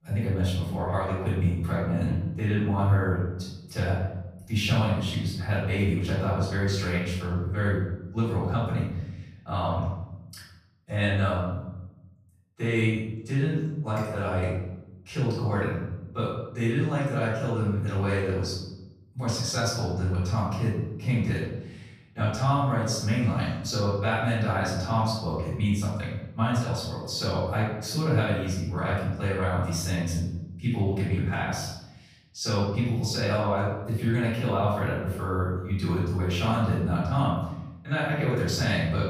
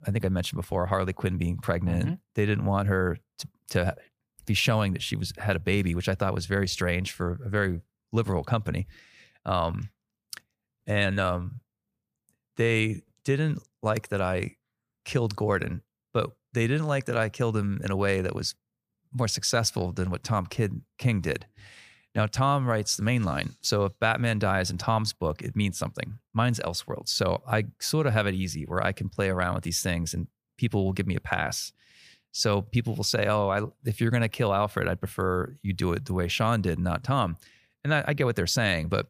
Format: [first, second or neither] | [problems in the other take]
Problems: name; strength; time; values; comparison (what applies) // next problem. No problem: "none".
second | room echo; noticeable; dies away in 0.9 s // off-mic speech; far